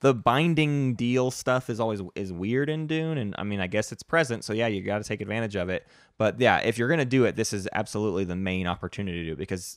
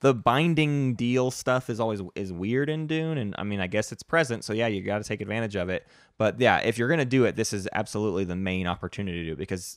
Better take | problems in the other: neither | none

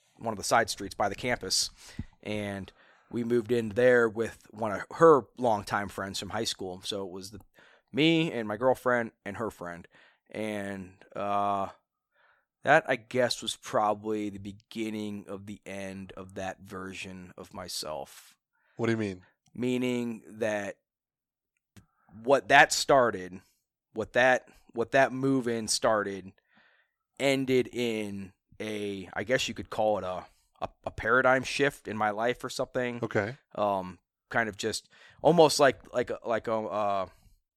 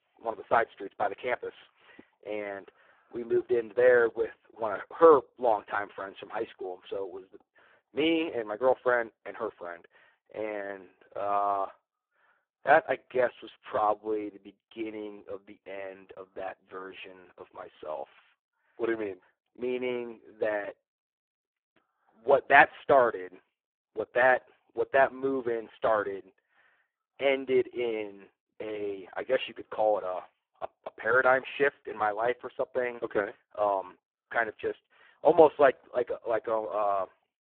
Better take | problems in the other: first | phone-call audio; poor line

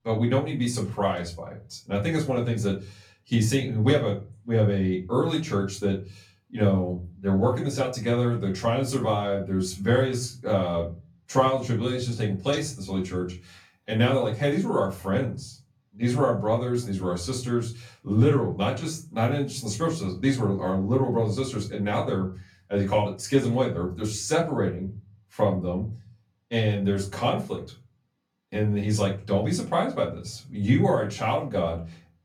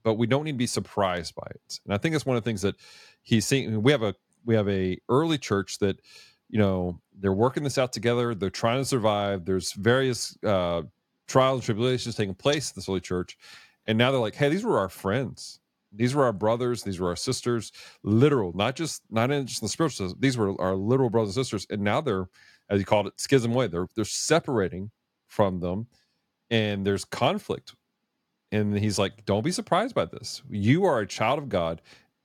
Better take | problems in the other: second | off-mic speech; far // room echo; slight; dies away in 0.3 s

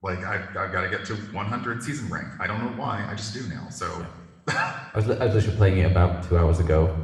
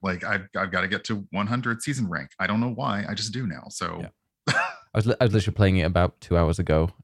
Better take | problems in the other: second | room echo; slight; dies away in 1 s // off-mic speech; somewhat distant

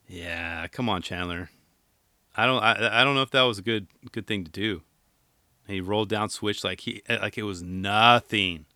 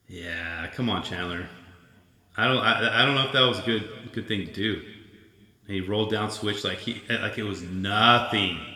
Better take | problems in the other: first | room echo; slight; dies away in 1.6 s

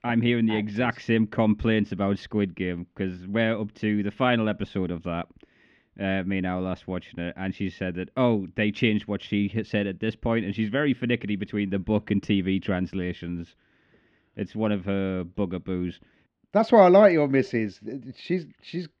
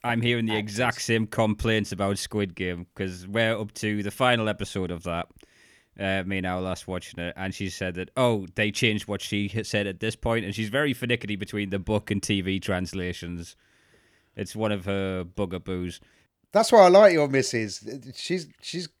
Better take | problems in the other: second | muffled; slightly; fading above 3.5 kHz

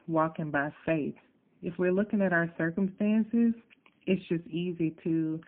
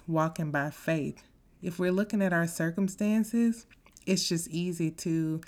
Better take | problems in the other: second | phone-call audio; poor line

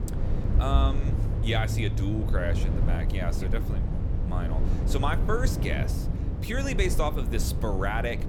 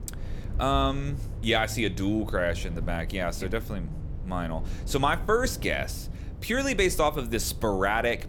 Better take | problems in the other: second | low rumble; loud; throughout; 8 dB below the speech; faint in the second

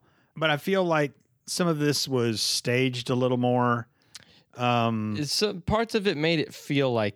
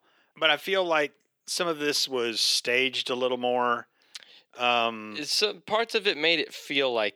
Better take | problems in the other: first | thin; somewhat; fading below 450 Hz

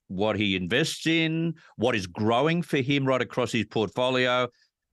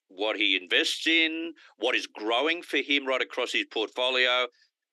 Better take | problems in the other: first | thin; somewhat; fading below 300 Hz

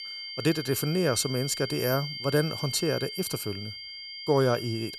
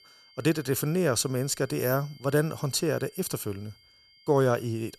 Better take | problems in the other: second | high-pitched whine; loud; throughout; 4.5 kHz, 8 dB below the speech; faint in the second

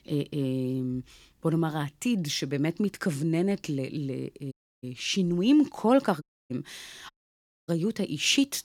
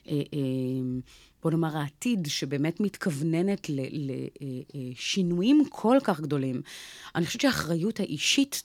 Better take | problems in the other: second | audio cutting out; at 4.5 s, at 6 s and at 7 s for 0.5 s

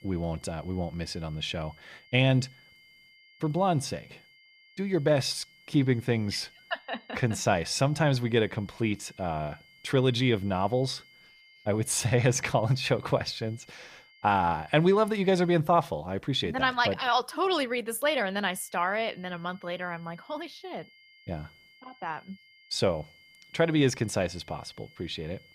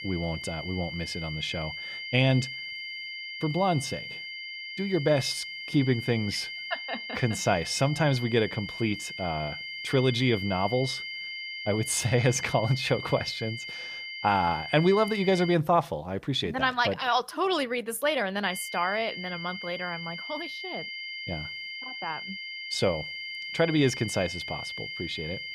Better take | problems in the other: first | high-pitched whine; loud; until 16 s and from 18 s on; 2 kHz, 8 dB below the speech; faint in the first

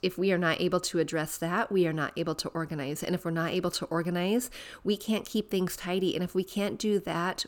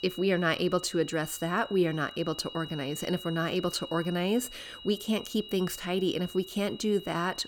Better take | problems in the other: first | high-pitched whine; noticeable; throughout; 3 kHz, 15 dB below the speech

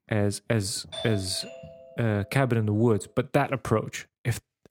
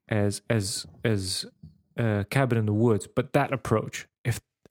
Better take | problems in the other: second | doorbell; noticeable; from 1 to 2.5 s; peak 9 dB below the speech

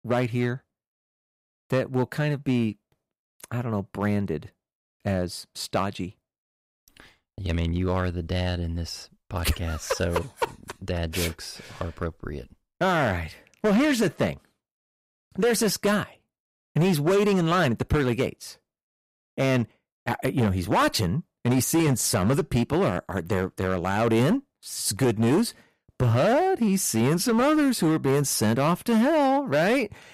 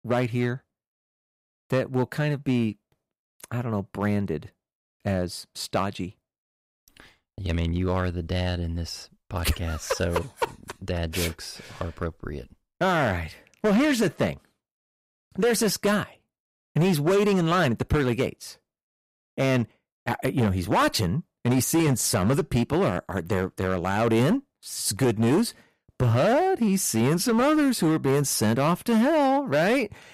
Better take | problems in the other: neither | distortion; slight; 8% of the sound clipped; the same in both

